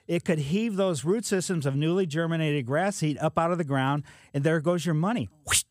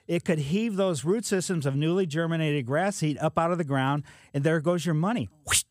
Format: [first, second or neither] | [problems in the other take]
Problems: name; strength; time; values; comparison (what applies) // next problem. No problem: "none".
neither | none